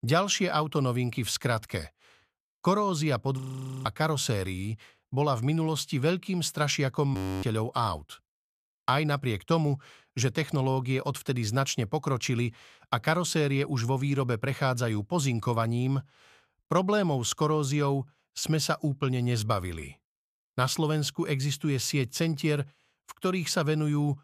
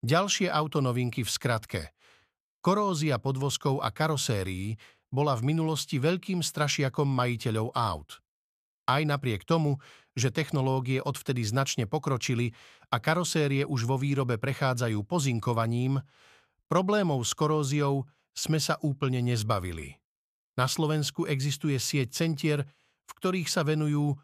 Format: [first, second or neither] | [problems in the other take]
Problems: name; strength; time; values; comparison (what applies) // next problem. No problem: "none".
second | audio freezing; at 3.5 s and at 7 s